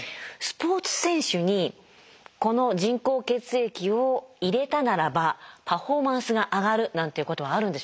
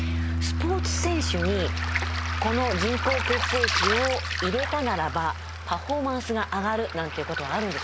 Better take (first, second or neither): first